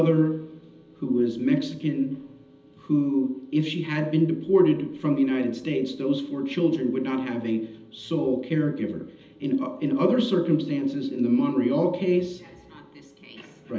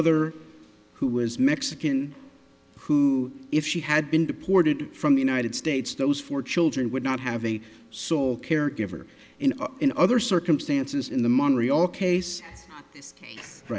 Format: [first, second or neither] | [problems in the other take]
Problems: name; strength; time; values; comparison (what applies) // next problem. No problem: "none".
second | room echo; dies away in 1.2 s